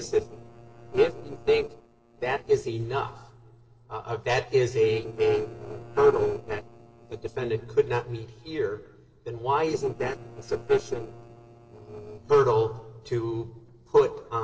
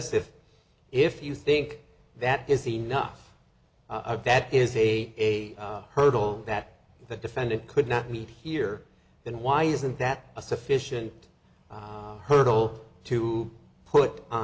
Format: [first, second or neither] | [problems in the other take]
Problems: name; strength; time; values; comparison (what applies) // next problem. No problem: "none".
second | noise reduction (neural separator model SepFormer DNS4)